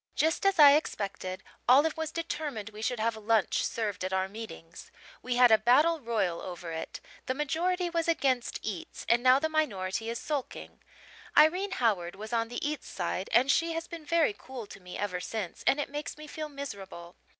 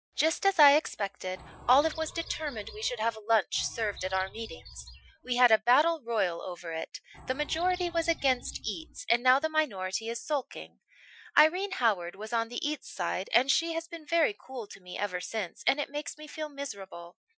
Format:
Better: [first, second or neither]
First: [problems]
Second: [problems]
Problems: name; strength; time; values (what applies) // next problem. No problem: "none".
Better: first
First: none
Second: noise reduction (classical method Wiener filter)